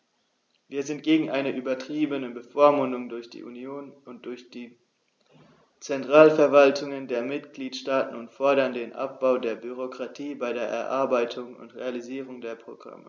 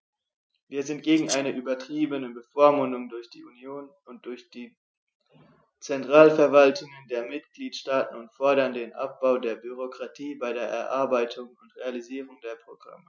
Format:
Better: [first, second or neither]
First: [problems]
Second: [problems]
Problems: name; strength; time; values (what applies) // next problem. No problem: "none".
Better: first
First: none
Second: noise reduction (classical method Wiener filter)